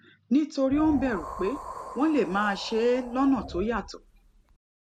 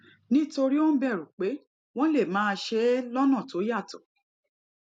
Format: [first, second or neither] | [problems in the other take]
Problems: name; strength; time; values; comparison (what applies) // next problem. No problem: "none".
second | background sound (Wind); 13 dB below the speech